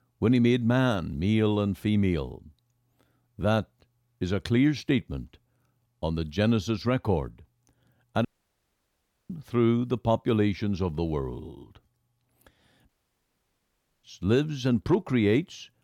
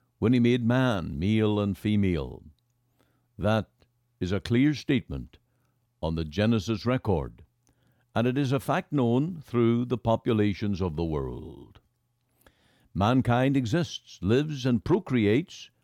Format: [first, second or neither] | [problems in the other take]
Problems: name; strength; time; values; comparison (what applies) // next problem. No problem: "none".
second | audio cutting out; at 8.5 s for 1 s and at 13 s for 1 s